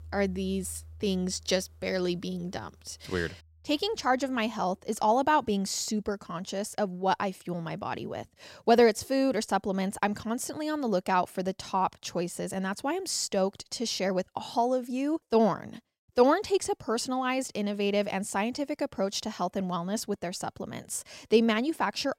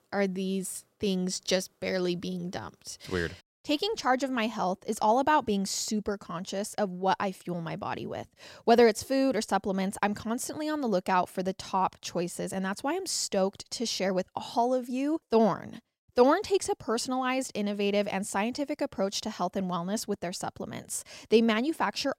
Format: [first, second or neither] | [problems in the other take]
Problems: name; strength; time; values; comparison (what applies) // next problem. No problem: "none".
second | background music; faint; throughout; 25 dB below the speech